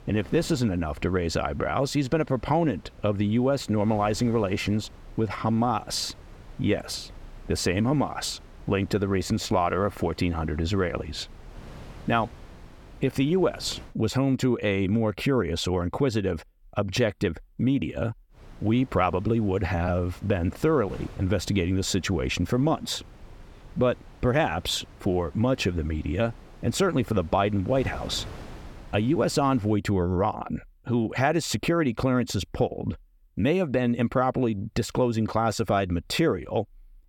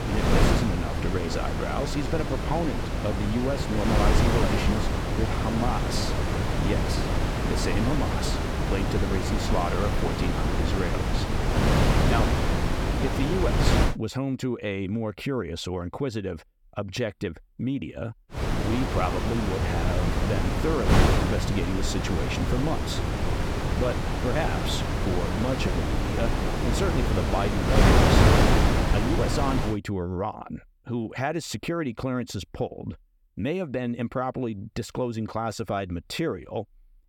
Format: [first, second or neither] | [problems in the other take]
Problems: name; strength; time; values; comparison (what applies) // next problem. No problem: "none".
first | wind noise on the microphone; heavy; until 14 s and from 18 to 30 s; 3 dB above the speech; occasional gusts in the first